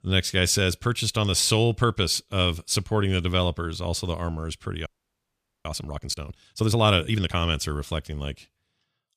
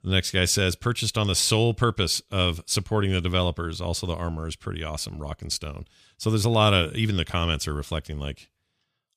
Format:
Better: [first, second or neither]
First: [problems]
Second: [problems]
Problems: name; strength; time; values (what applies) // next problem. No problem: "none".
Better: second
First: audio freezing; at 5 s for 1 s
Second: none